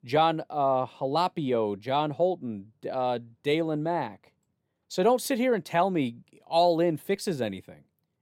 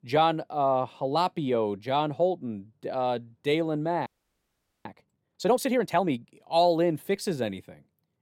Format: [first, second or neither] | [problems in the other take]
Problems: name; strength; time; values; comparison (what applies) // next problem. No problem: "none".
first | audio freezing; at 4 s for 1 s